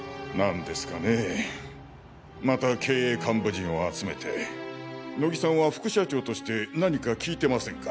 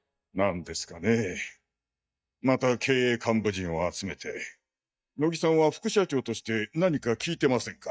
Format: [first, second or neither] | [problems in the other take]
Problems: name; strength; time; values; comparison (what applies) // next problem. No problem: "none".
first | noise reduction (neural mask model DeepFilterNet 3)